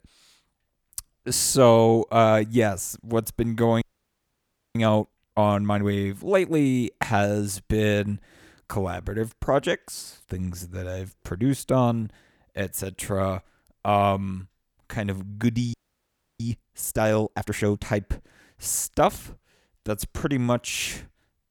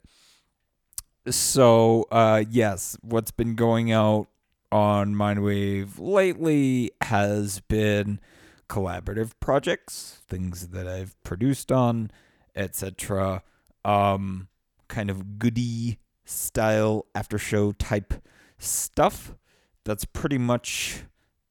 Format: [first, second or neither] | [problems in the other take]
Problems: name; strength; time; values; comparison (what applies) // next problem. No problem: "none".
second | audio freezing; at 4 s for 1 s and at 16 s for 0.5 s